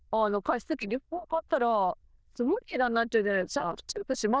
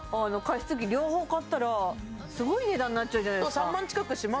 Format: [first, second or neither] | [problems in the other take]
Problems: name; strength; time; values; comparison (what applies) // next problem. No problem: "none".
second | noise reduction (neural diffusion model UNIVERSE++)